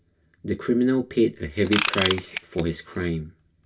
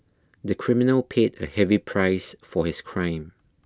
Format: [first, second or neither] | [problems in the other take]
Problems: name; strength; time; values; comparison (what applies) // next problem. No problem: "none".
second | background sound (Ratchet, pawl / Tools); 4 dB below the speech // room echo; dies away in 0.1 s